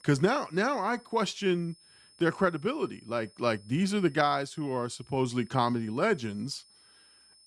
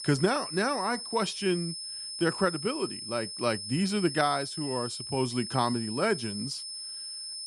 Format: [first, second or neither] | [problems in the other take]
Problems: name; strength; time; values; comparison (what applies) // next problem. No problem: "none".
first | high-pitched whine; loud; throughout; 5 kHz, 6 dB below the speech; faint in the first